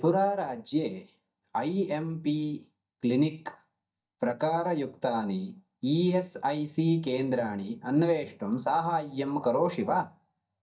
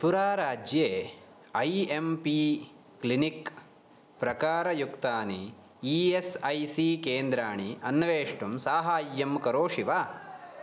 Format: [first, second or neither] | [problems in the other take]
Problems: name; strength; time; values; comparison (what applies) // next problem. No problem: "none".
second | noise reduction (neural mask model DeepFilterNet 3)